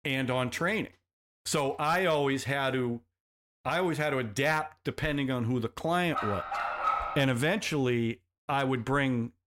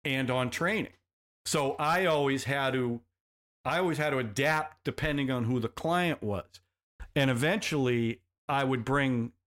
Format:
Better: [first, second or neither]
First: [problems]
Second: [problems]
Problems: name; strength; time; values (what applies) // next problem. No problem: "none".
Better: second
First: dog barking; loud; from 6 to 7 s; peak level with the speech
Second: none